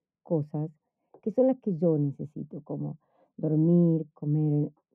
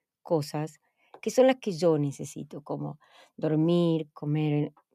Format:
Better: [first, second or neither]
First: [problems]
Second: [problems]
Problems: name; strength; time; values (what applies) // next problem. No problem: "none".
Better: second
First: muffled; very; fading above 1.5 kHz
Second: none